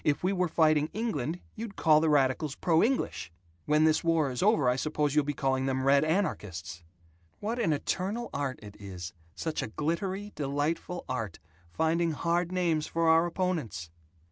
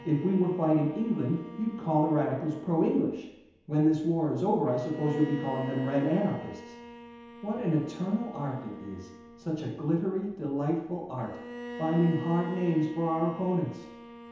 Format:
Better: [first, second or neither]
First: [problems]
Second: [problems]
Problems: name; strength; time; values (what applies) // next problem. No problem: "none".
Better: first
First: none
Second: background sound (Bowed string instrument); 15 dB below the speech // room echo; dies away in 1 s